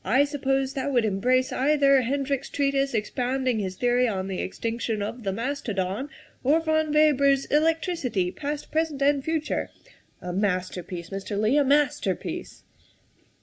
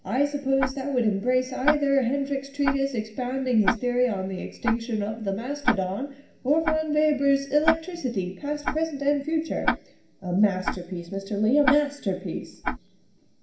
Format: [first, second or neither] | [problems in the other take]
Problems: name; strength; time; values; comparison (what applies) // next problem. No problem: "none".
first | background sound (Tick-tock); 8 dB below the speech // room echo; dies away in 0.5 s